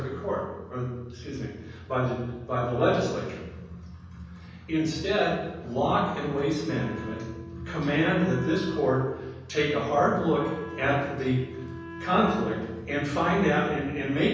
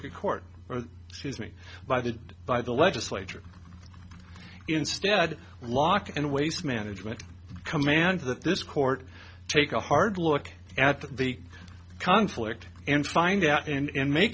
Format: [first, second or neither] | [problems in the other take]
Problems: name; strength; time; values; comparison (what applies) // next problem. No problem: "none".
second | background sound (Wind instrument, woodwind instrument); 14 dB below the speech // room echo; dies away in 1.1 s